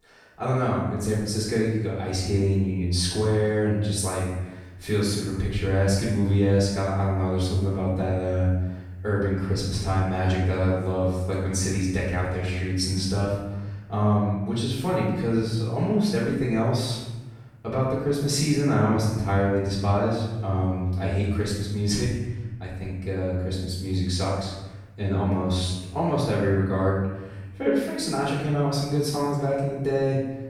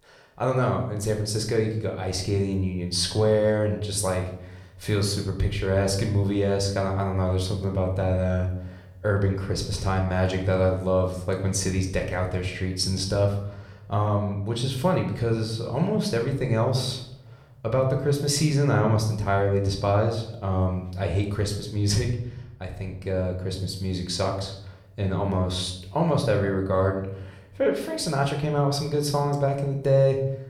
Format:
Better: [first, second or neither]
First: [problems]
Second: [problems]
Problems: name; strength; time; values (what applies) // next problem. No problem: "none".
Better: second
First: room echo; strong; dies away in 1 s // off-mic speech; far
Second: room echo; slight; dies away in 0.6 s // off-mic speech; somewhat distant